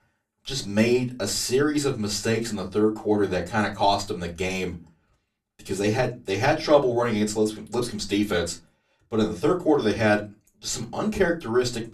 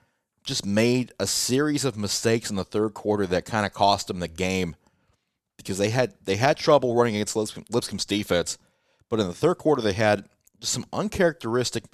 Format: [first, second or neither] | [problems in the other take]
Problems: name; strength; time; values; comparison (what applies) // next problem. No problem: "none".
second | off-mic speech; far // room echo; very slight; dies away in 0.2 s